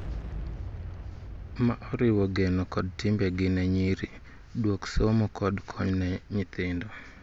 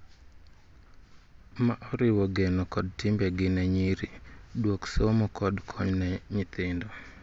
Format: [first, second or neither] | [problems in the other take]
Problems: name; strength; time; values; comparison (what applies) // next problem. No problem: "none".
second | background sound (Boom); 14 dB below the speech